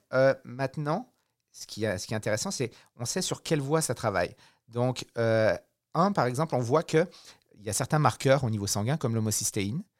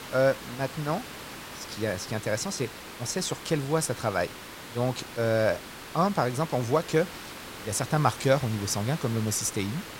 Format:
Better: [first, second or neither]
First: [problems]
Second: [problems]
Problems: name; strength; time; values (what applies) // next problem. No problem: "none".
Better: first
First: none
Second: hiss; noticeable; throughout; 10 dB below the speech